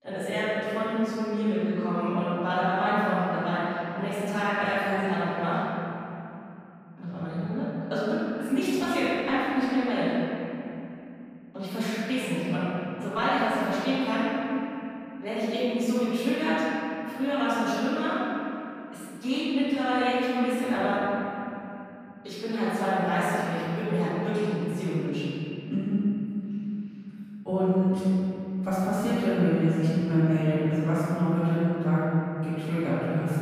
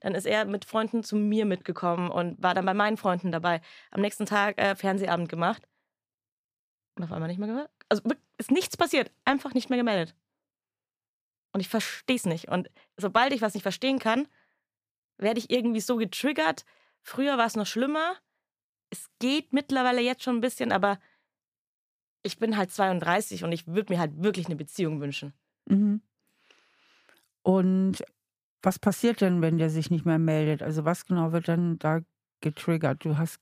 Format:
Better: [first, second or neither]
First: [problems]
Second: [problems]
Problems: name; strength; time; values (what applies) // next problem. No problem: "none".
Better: second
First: room echo; strong; dies away in 3 s // off-mic speech; far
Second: none